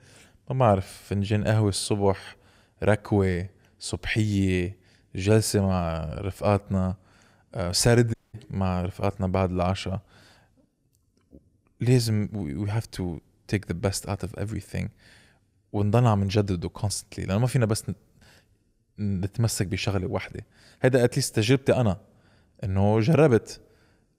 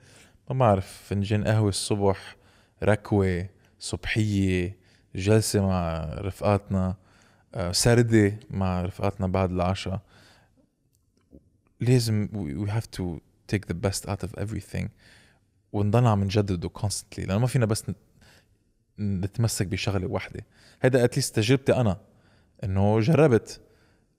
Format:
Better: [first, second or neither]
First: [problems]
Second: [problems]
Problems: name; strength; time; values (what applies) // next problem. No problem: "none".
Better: second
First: audio cutting out; at 8 s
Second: none